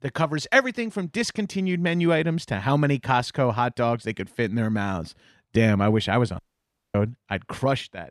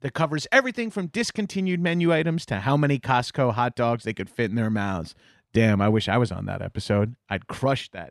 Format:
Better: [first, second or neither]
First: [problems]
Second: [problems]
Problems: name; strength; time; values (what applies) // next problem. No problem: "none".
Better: second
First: audio cutting out; at 6.5 s for 0.5 s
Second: none